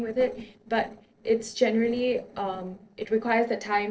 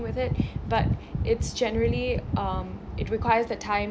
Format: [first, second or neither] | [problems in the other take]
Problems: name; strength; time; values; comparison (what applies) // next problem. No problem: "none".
second | noise reduction (neural separator model SepFormer DNS4)